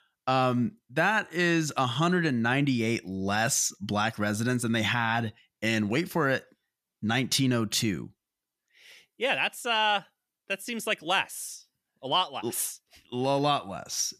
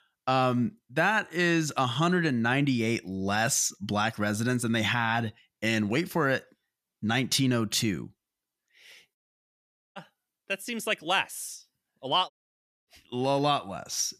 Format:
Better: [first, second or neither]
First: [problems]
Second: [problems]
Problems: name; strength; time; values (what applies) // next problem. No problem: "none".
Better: first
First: none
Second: audio cutting out; at 9 s for 1 s and at 12 s for 0.5 s